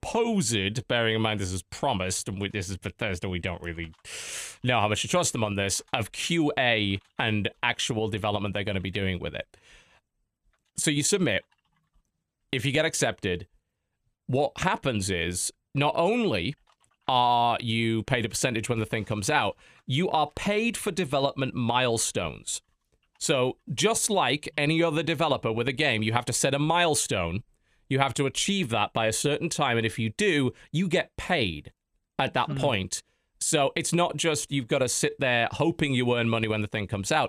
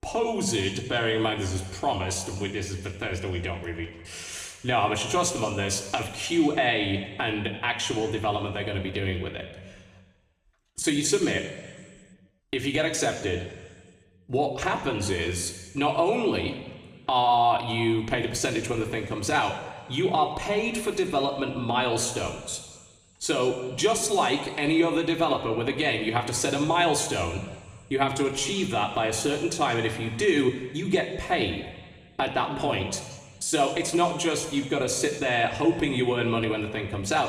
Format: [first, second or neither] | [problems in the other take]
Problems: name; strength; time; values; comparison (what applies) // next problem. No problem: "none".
first | room echo; slight; dies away in 1.3 s // off-mic speech; somewhat distant